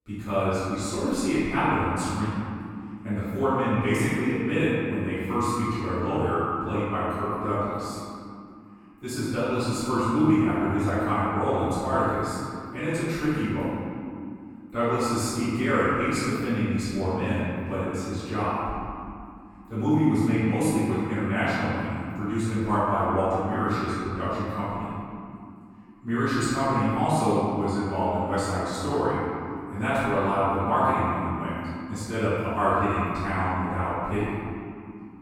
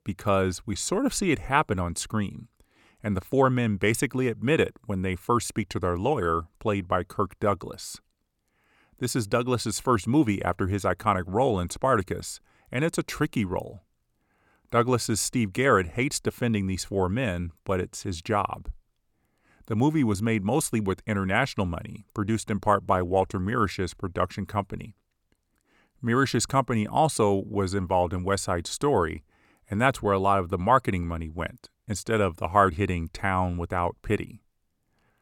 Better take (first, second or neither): second